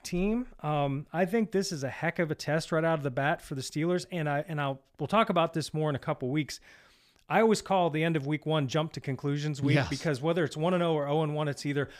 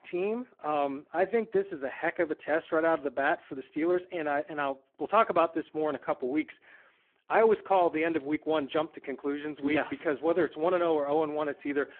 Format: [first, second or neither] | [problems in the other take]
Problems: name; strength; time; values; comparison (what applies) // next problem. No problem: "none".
first | phone-call audio; poor line